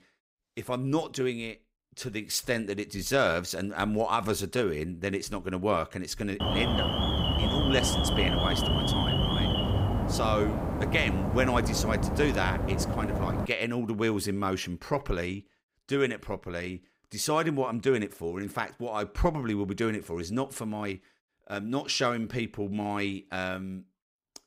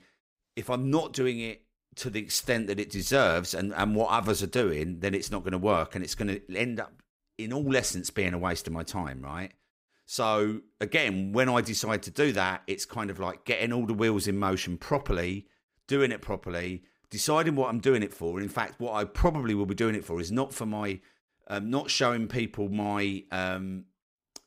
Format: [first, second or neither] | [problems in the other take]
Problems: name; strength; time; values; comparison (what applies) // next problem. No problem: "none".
second | alarm; loud; from 6.5 to 13 s; peak 4 dB above the speech